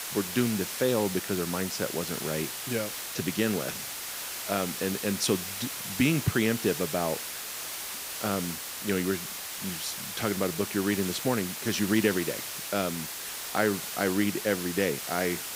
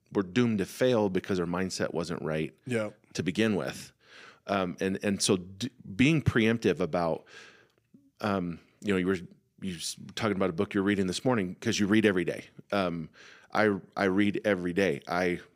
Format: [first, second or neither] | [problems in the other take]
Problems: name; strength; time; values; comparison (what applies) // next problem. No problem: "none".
second | hiss; loud; throughout; 4 dB below the speech